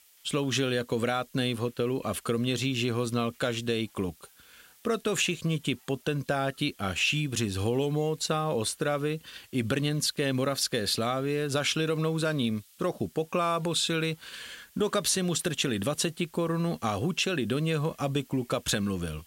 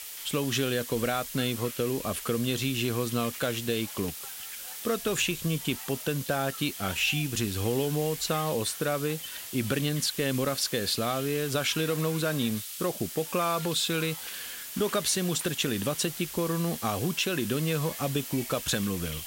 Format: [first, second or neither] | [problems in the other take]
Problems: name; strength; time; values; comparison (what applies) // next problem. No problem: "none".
first | hiss; loud; throughout; 8 dB below the speech; faint in the first